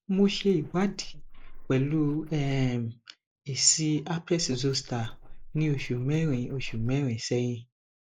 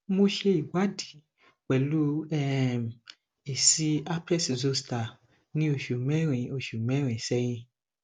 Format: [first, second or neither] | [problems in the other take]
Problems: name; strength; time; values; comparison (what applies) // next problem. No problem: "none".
second | noise reduction (neural mask model Resemble Enhance denoiser)